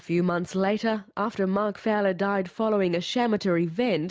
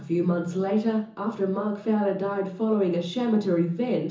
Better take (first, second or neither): first